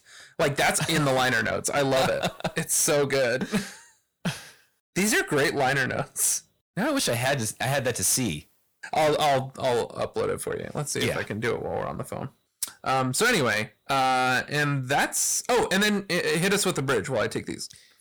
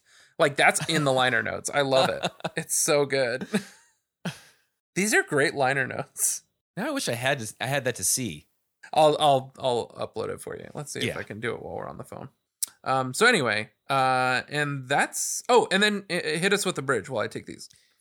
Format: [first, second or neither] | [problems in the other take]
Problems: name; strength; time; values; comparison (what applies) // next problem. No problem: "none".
second | distortion; heavy; 6 dB below the speech